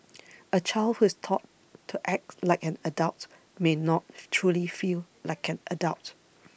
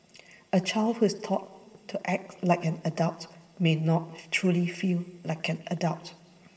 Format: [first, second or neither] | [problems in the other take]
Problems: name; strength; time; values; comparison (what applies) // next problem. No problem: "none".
first | room echo; dies away in 2.6 s